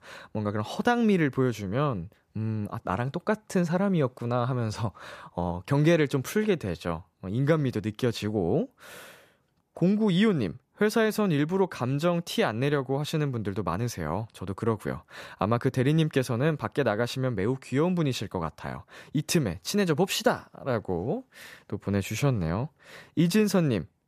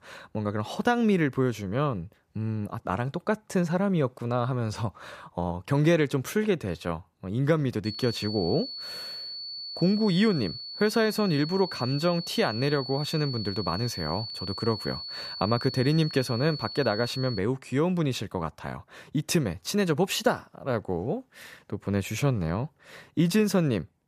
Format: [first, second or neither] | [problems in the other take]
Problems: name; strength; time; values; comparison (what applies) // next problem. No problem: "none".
first | high-pitched whine; loud; from 8 to 17 s; 4.5 kHz, 8 dB below the speech